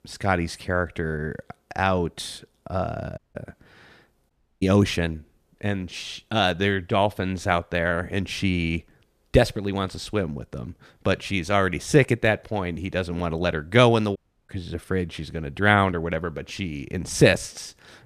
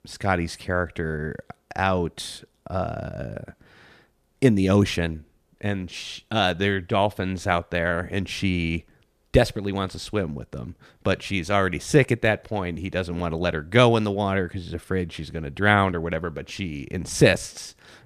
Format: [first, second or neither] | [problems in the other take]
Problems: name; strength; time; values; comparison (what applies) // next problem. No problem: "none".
second | audio cutting out; at 3 s, at 4.5 s and at 14 s